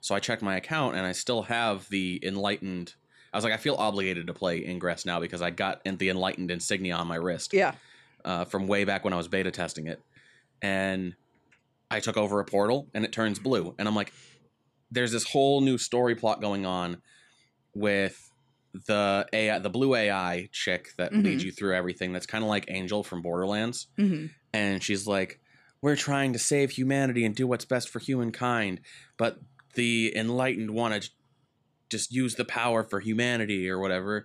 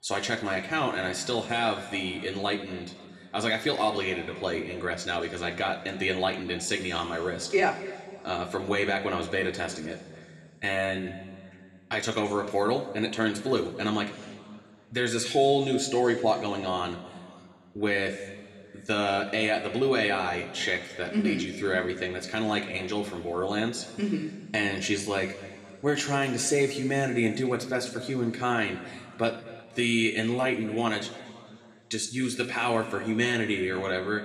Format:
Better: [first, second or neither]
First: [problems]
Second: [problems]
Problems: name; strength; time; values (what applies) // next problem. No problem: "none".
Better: first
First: none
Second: room echo; slight; dies away in 1.8 s